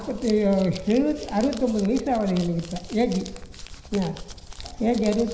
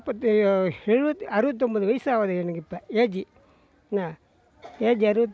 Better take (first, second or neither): second